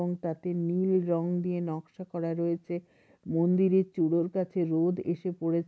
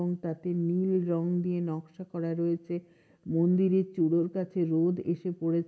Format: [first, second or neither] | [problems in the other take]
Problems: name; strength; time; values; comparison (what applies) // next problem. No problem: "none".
first | room echo; dies away in 0.3 s